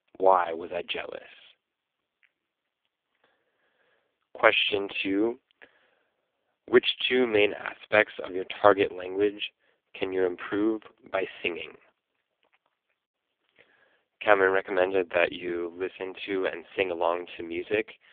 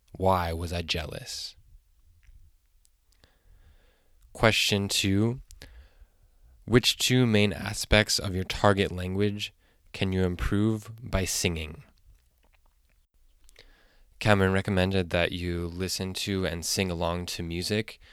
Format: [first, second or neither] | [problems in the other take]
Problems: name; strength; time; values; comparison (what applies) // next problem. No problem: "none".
second | phone-call audio; poor line; nothing above 3.5 kHz